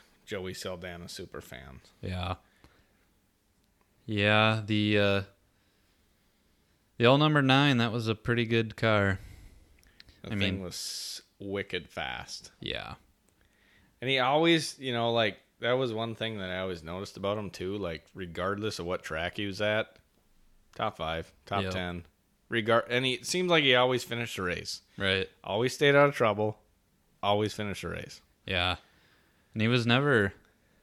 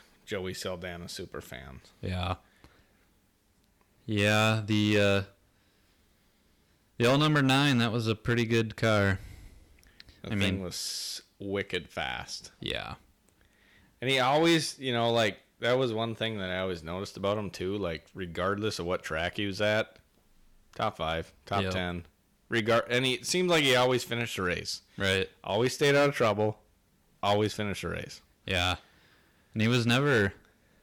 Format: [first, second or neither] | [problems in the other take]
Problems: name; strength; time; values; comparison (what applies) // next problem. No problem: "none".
first | distortion; slight; 3% of the sound clipped